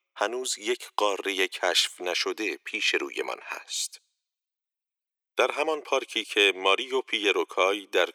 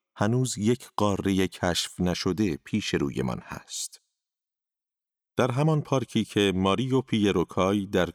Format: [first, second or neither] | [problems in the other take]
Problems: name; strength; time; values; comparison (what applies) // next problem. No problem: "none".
second | thin; very; fading below 350 Hz